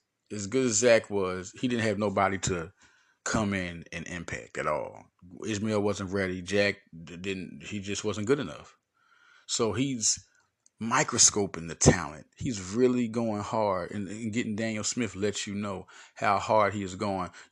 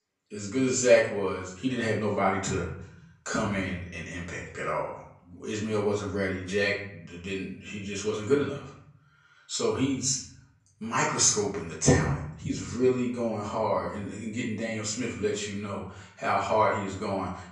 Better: first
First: none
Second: off-mic speech; far // room echo; noticeable; dies away in 0.6 s

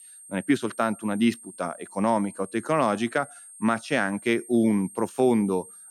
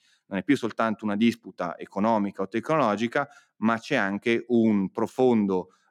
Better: second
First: high-pitched whine; noticeable; throughout; 8.5 kHz, 20 dB below the speech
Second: none

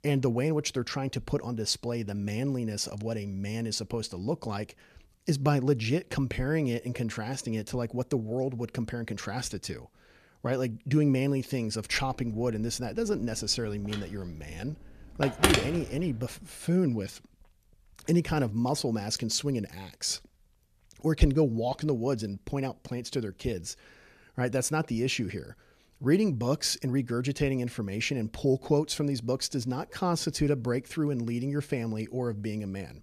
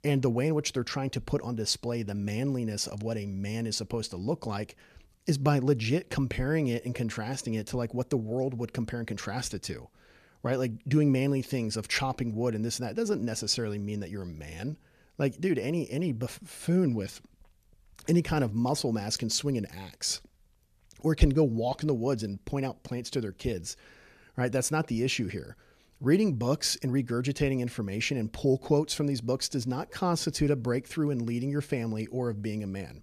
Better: second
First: phone ringing; loud; from 14 to 16 s; peak 6 dB above the speech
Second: none

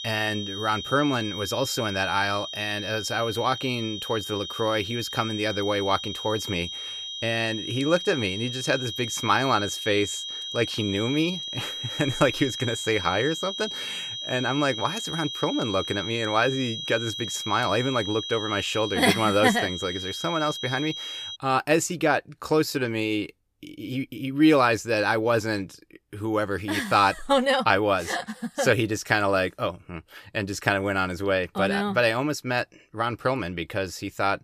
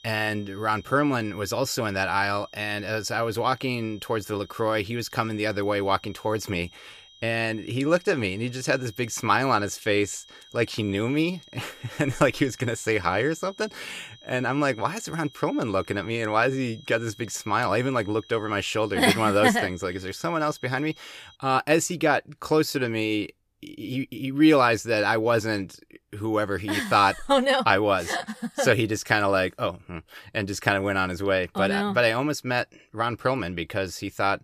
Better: second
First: high-pitched whine; loud; until 21 s; 3 kHz, 6 dB below the speech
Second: high-pitched whine; faint; until 21 s; 3 kHz, 25 dB below the speech

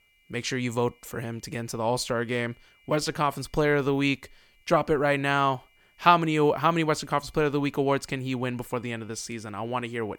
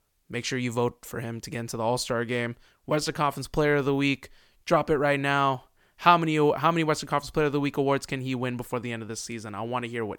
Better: second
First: high-pitched whine; faint; throughout; 2.5 kHz, 35 dB below the speech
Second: none

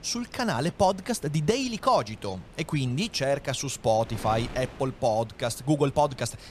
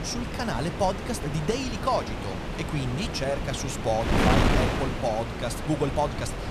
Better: first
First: wind noise on the microphone; occasional gusts; 20 dB below the speech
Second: wind noise on the microphone; heavy; 2 dB below the speech

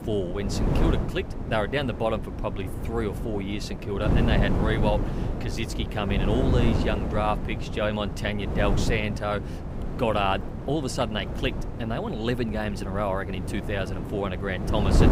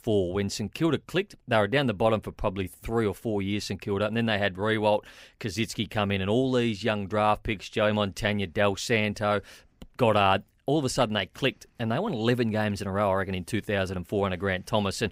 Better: second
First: wind noise on the microphone; heavy; 7 dB below the speech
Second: none

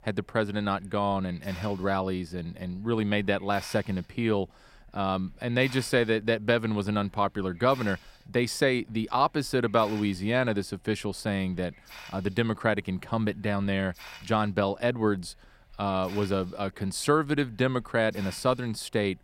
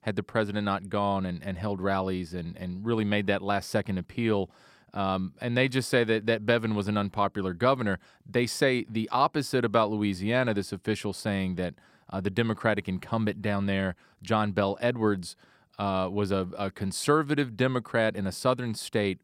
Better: second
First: hiss; faint; throughout; 20 dB below the speech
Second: none

